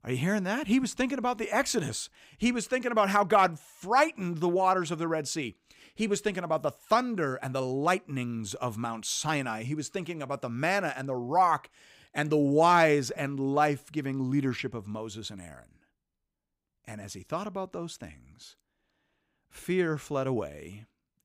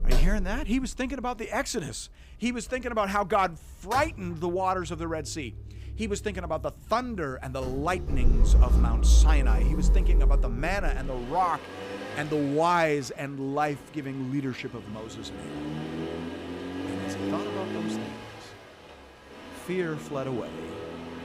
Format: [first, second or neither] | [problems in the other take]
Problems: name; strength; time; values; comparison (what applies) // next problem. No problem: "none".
first | traffic noise; very loud; throughout; 1 dB above the speech